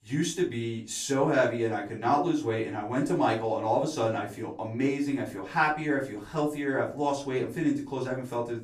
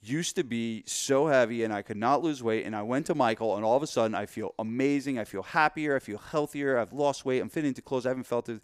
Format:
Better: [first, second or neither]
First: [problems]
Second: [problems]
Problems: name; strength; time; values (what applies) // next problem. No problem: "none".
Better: second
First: off-mic speech; far // room echo; slight; dies away in 0.3 s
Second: none